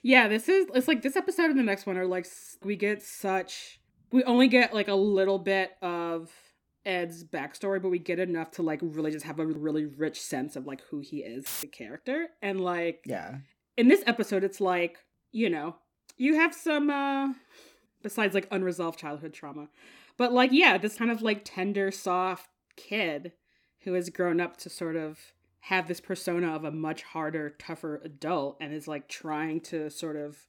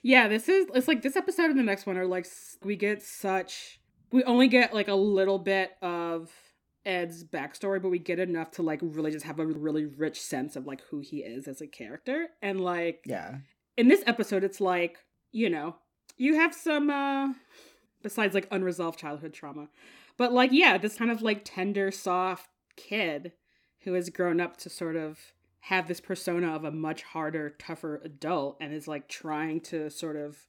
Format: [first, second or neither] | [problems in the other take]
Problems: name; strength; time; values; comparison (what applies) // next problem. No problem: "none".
second | audio cutting out; filled with static; at 11 s